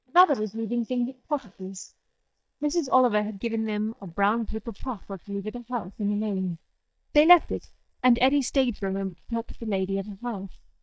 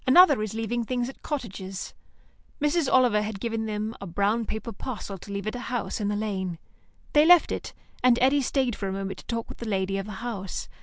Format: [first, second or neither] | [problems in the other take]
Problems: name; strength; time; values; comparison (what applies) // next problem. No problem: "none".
second | noise reduction (neural mask model DeepFilterNet 3)